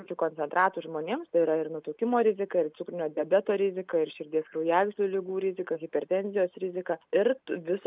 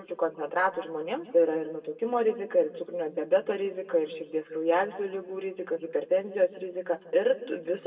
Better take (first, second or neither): first